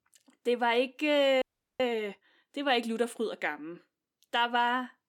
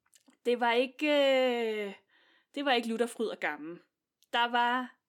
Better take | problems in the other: second | audio freezing; at 1.5 s

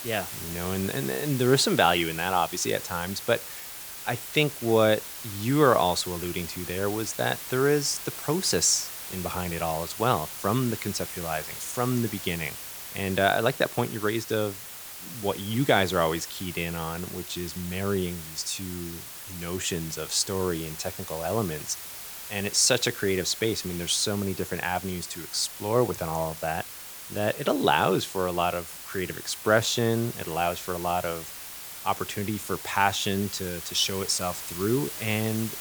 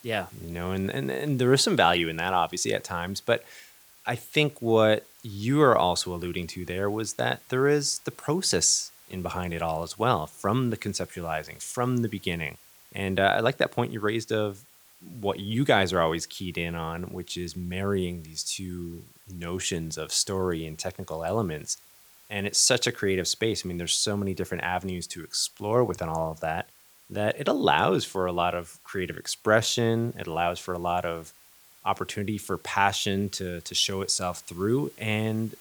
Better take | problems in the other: second | hiss; loud; throughout; 9 dB below the speech; faint in the second

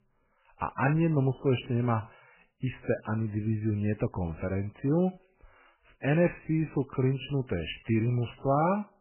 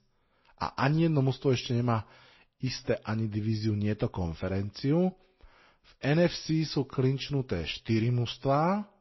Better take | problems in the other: second | garbled, watery; badly; nothing above 3 kHz; slightly in the second

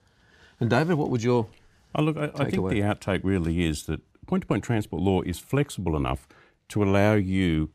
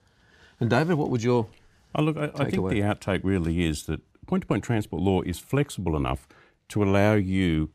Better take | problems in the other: neither | none

